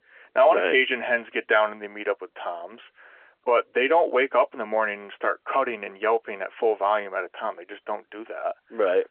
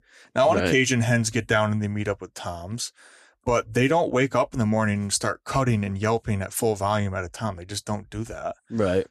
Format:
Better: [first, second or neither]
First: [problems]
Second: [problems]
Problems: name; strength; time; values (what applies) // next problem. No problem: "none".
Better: second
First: phone-call audio; nothing above 3 kHz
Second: none